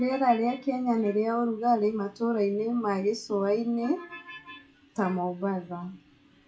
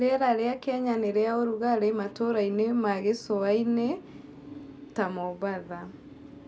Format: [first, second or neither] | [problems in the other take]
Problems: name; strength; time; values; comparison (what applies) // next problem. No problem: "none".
second | noise reduction (classical method WPE with log-MMSE)